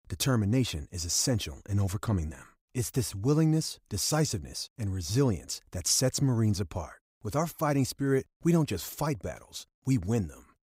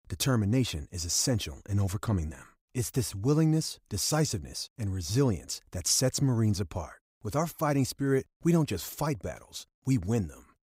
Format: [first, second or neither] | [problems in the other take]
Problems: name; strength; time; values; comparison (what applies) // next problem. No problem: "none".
neither | none